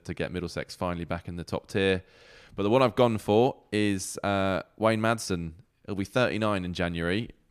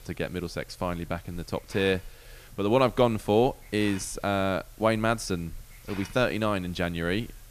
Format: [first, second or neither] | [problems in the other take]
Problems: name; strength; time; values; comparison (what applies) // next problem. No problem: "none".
first | hiss; faint; throughout; 20 dB below the speech